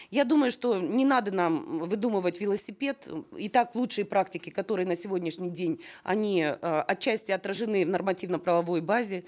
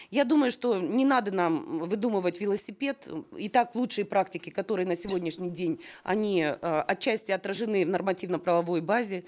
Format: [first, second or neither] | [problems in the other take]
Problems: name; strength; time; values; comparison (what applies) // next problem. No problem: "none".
first | noise reduction (neural mask model Resemble Enhance denoiser)